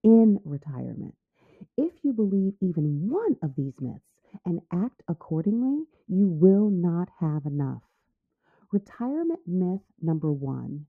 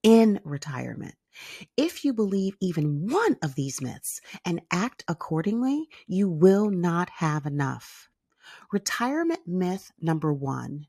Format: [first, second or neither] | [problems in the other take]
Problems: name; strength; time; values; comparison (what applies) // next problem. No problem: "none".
second | muffled; very; fading above 1.5 kHz